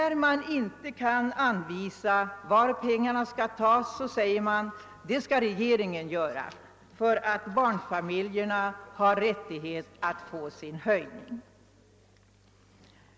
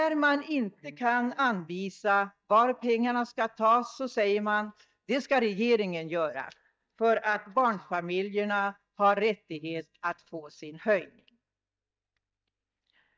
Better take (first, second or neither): first